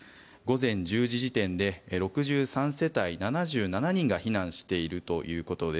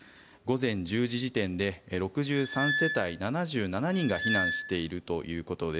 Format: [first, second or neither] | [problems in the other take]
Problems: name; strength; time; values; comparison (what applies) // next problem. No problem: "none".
first | background sound (Squeak); 2 dB below the speech